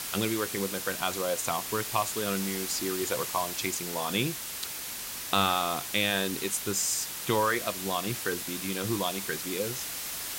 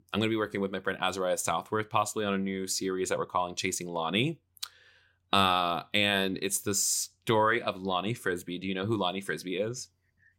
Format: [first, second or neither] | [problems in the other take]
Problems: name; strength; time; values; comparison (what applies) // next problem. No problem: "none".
second | hiss; loud; throughout; 3 dB below the speech